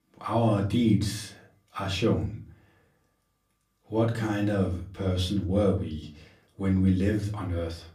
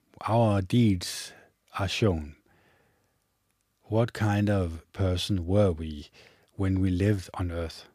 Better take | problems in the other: second | off-mic speech; far // room echo; very slight; dies away in 0.4 s

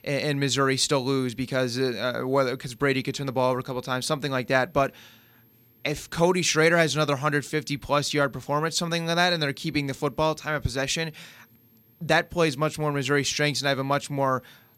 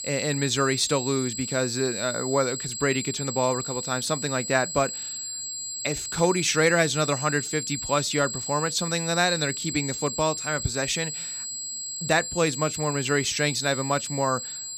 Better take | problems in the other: first | high-pitched whine; loud; throughout; 7.5 kHz, 5 dB below the speech

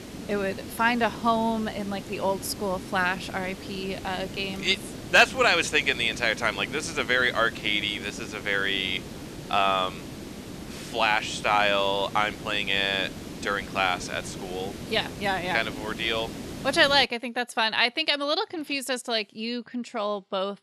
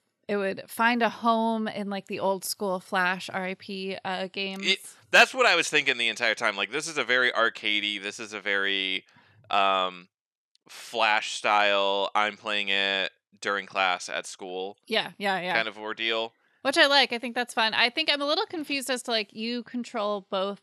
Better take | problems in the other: second | hiss; noticeable; until 17 s; 15 dB below the speech

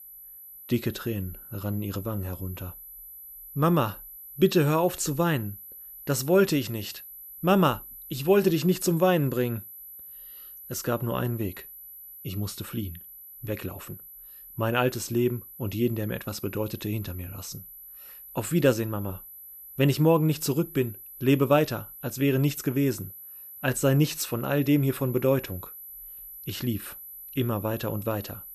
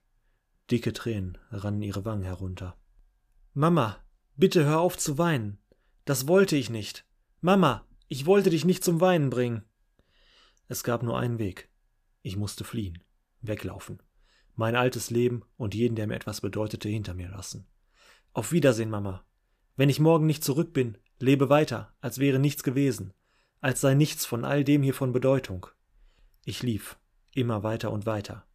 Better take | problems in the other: second | high-pitched whine; noticeable; throughout; 12 kHz, 15 dB below the speech

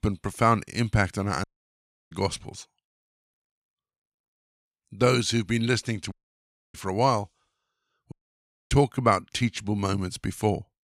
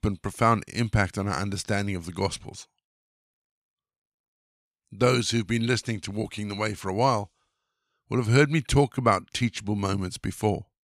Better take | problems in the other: second | audio cutting out; at 1.5 s for 0.5 s, at 6 s for 0.5 s and at 8 s for 0.5 s

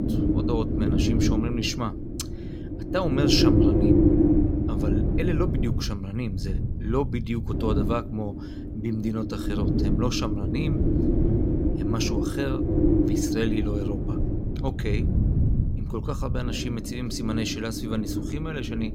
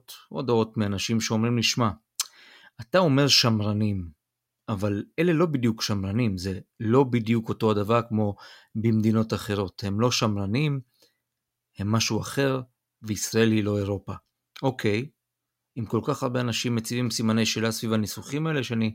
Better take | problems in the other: second | wind noise on the microphone; heavy; 2 dB above the speech

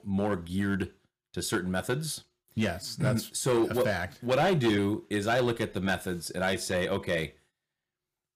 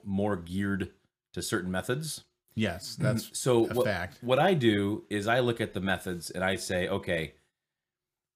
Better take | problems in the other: second | distortion; slight; 4% of the sound clipped

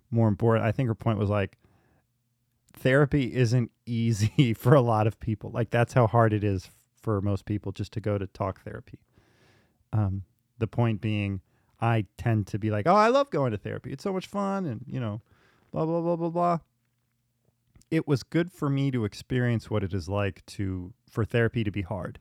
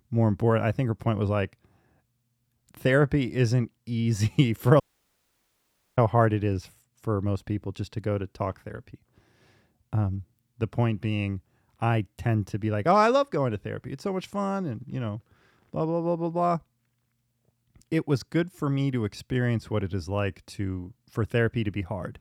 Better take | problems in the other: first | audio cutting out; at 5 s for 1 s

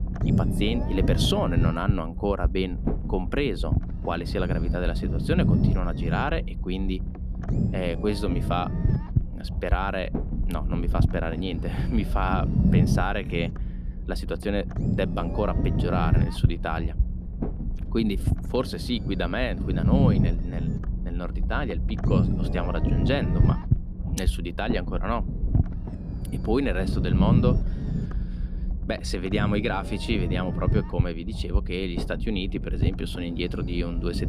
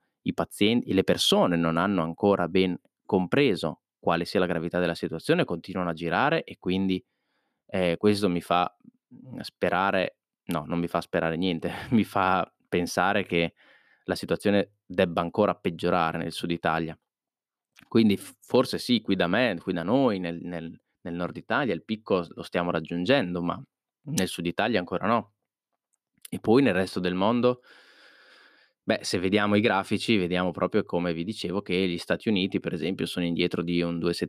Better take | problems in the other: second | low rumble; loud; throughout; 6 dB below the speech

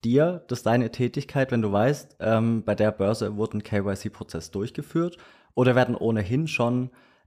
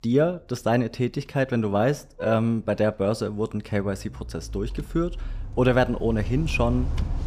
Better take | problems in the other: first | traffic noise; loud; throughout; 10 dB below the speech

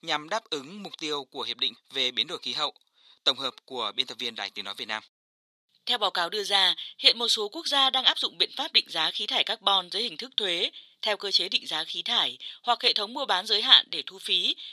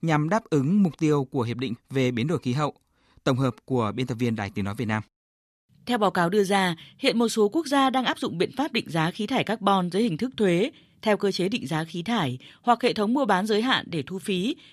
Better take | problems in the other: second | thin; very; fading below 600 Hz

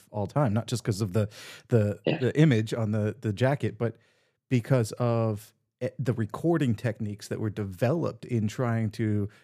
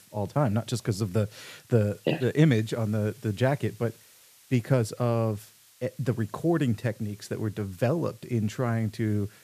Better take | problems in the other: first | hiss; faint; throughout; 25 dB below the speech

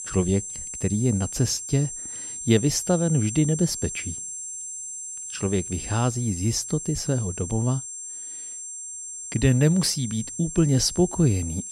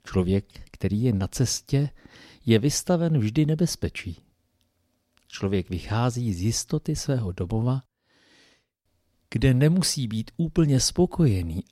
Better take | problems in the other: second | high-pitched whine; loud; throughout; 7.5 kHz, 8 dB below the speech

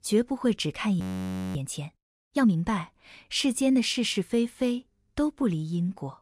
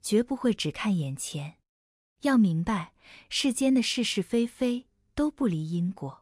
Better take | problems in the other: second | audio freezing; at 1 s for 0.5 s

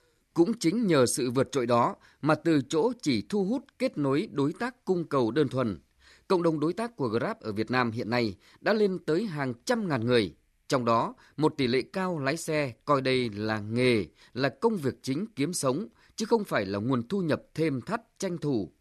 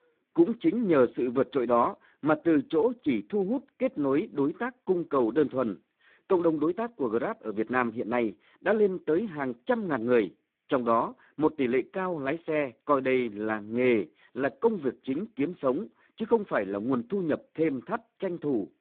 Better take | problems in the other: first | phone-call audio; poor line; nothing above 3.5 kHz

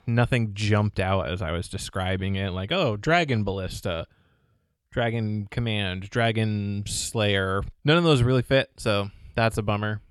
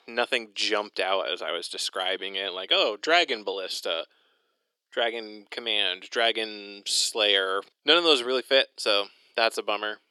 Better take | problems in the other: first | thin; very; fading below 350 Hz

